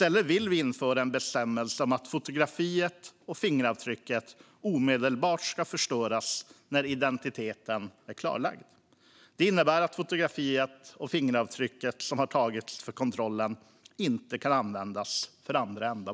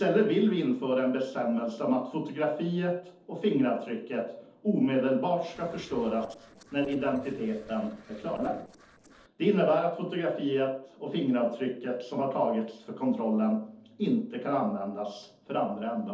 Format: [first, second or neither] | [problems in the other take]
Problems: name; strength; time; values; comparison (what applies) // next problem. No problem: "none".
first | noise reduction (neural separator model SepFormer DNS4)